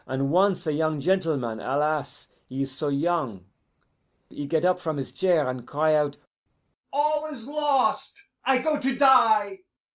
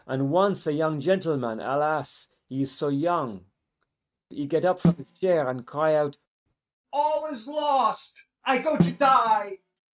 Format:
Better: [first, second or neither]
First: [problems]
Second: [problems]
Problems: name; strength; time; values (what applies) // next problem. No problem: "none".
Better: first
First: none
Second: noise reduction (neural mask model RNNoise)